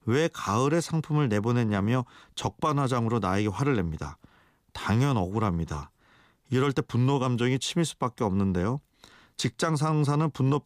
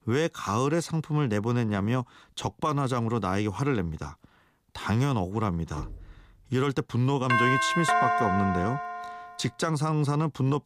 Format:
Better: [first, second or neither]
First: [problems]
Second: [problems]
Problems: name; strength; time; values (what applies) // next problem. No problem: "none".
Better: first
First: none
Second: door banging; faint; at 6 s; peak 15 dB below the speech // doorbell; loud; from 7.5 to 9 s; peak 4 dB above the speech